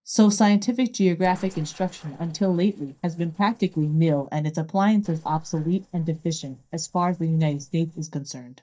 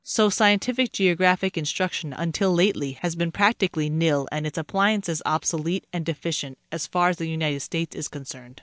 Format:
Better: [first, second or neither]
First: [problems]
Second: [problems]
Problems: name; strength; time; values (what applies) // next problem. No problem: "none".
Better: second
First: noise reduction (neural mask model DeepFilterNet 3)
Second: none